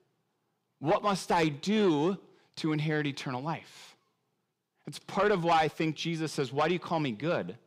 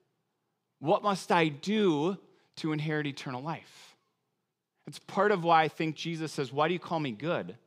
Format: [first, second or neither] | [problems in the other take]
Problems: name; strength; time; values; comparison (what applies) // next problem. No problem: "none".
second | distortion; slight; 10 dB below the speech